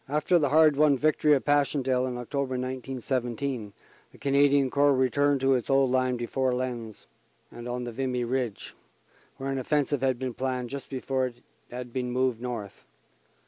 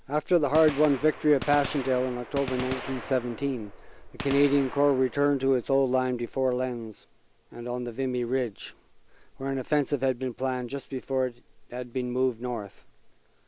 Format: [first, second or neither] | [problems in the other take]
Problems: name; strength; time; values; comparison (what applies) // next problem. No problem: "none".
first | background sound (Gunshot, gunfire); 15 dB below the speech